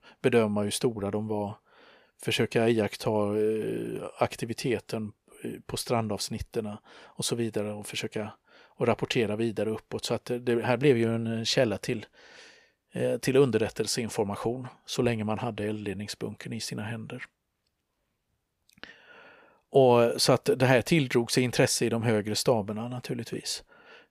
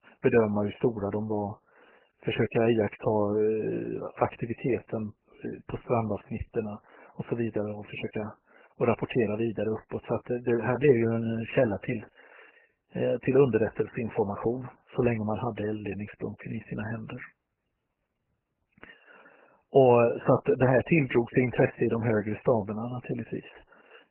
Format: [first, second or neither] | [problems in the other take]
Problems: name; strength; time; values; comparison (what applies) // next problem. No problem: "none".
first | garbled, watery; badly; nothing above 3 kHz